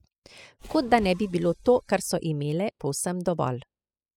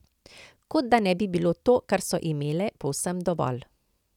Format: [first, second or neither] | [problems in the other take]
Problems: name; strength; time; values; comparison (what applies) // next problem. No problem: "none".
second | noise reduction (classical method spectral subtraction)